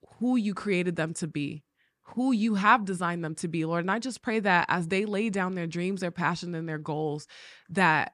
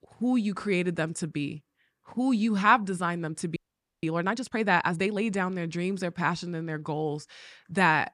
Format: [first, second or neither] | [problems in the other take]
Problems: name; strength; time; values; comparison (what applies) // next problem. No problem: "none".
first | audio freezing; at 3.5 s